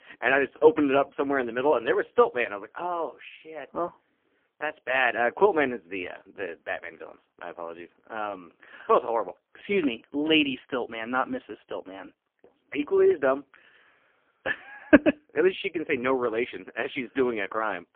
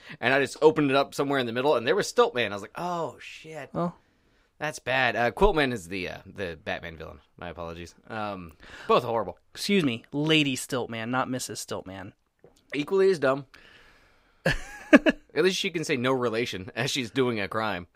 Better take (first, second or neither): second